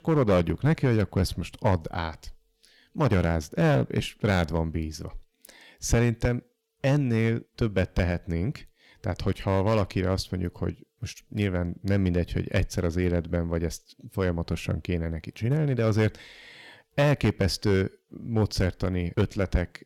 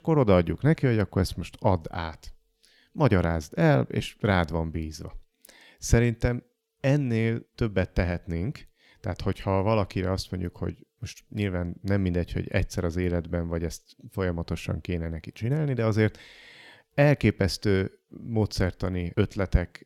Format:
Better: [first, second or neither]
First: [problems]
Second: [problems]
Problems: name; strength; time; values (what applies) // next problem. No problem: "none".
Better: second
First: distortion; slight; 3% of the sound clipped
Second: none